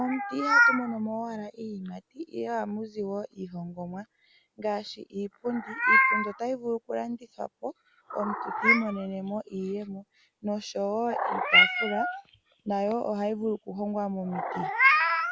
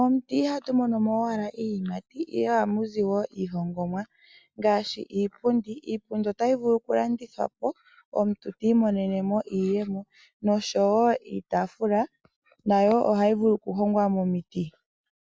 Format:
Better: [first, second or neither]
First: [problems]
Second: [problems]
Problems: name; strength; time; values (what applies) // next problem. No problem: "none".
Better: second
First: background sound (Meow); 3 dB above the speech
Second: none